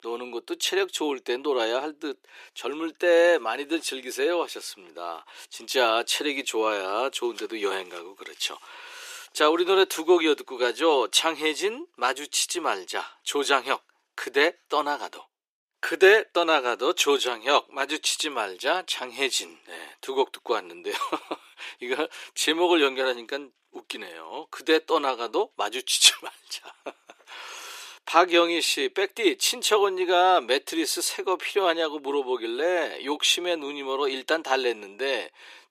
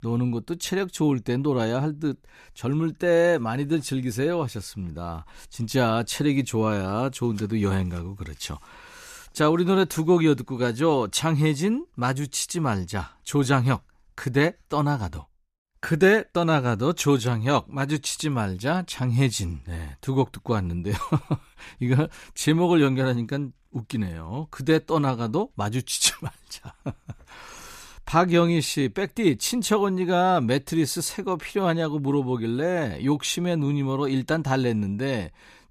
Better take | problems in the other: second | thin; very; fading below 350 Hz

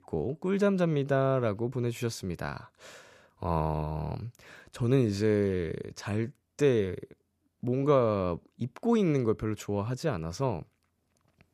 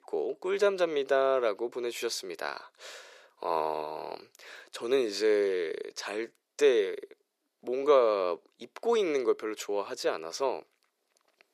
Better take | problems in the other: first | thin; very; fading below 400 Hz

